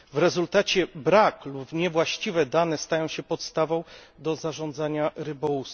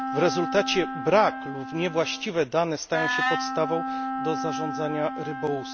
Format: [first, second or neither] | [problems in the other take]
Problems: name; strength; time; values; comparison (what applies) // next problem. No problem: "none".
first | background sound (Wind instrument, woodwind instrument); 4 dB below the speech